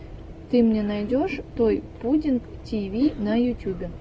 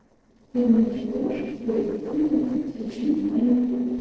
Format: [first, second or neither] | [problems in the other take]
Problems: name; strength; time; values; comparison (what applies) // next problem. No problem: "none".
first | noise reduction (neural separator model SepFormer DNS4)